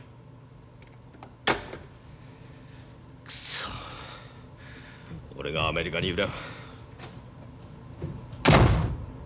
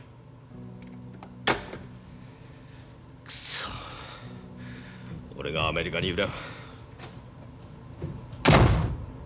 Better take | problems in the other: first | background sound (Electric guitar / Strum); 15 dB below the speech

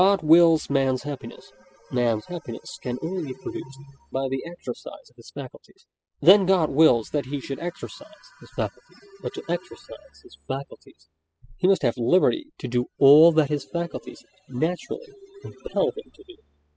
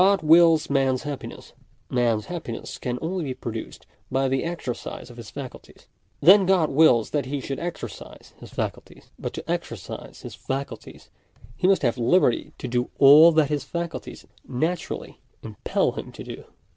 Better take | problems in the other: second | noise reduction (classical method spectral subtraction)

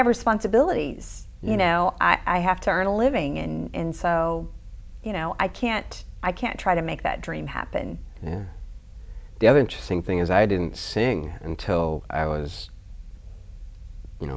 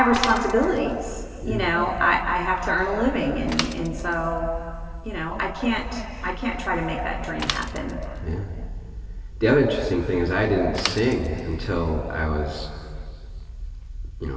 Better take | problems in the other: first | background sound (Mechanisms / Bicycle); 14 dB below the speech // room echo; dies away in 2.7 s

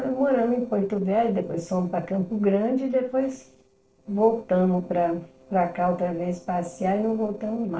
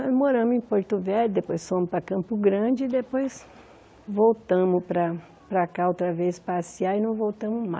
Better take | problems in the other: second | noise reduction (neural separator model SepFormer DNS4)

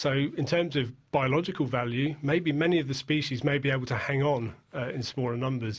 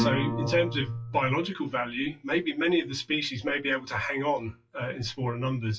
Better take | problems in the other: first | noise reduction (classical method WPE with log-MMSE)

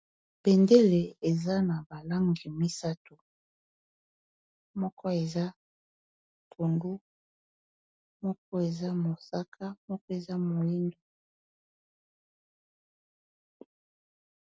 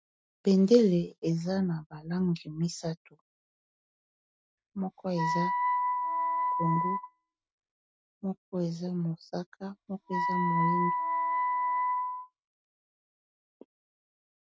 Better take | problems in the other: first | noise reduction (neural mask model RNNoise)

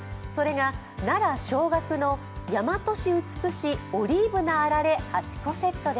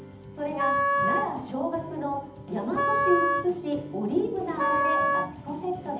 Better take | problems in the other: first | background sound (Wind instrument, woodwind instrument); 2 dB above the speech // room echo; dies away in 0.8 s

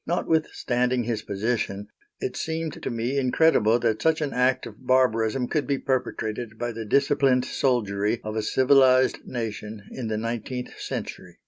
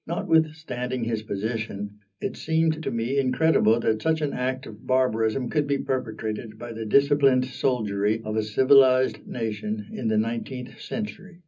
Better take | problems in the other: first | room echo; dies away in 0.4 s

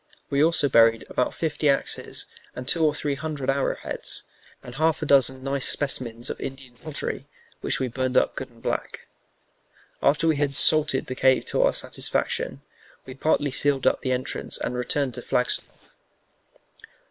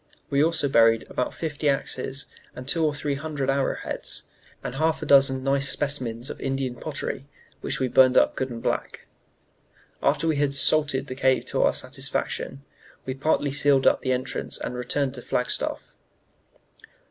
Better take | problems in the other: second | noise reduction (neural separator model SepFormer WHAM!)

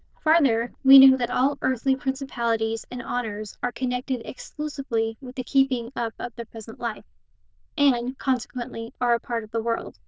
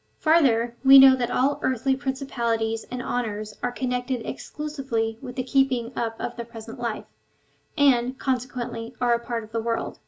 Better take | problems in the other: second | noise reduction (neural diffusion model UNIVERSE++)

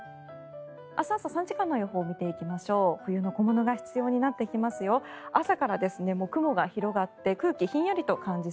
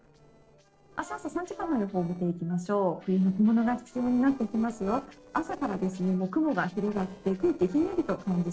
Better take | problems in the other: first | noise reduction (neural separator model SepFormer DNS4)

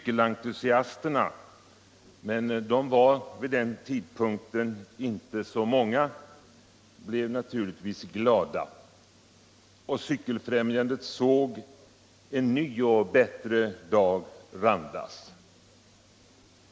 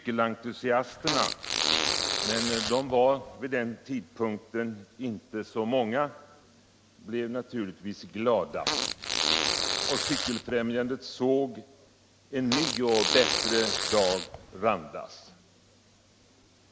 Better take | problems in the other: first | background sound (Fart); as loud as the speech

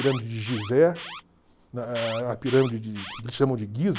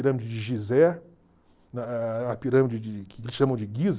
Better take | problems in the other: second | background sound (Alarm); 15 dB below the speech

